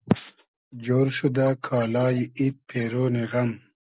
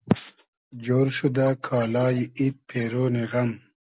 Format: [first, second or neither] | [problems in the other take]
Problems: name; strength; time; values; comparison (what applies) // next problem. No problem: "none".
second | noise reduction (neural mask model Resemble Enhance denoiser)